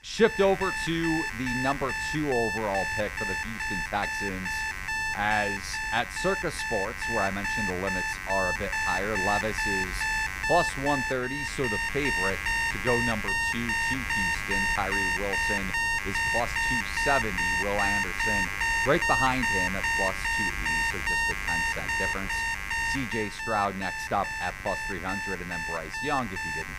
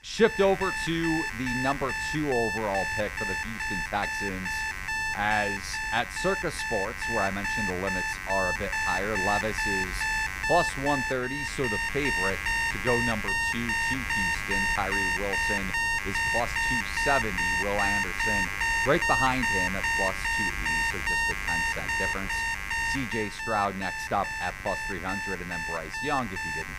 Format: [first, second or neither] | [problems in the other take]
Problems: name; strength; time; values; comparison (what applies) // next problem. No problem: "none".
neither | alarms or sirens; very loud; throughout; 3 dB above the speech; the same in both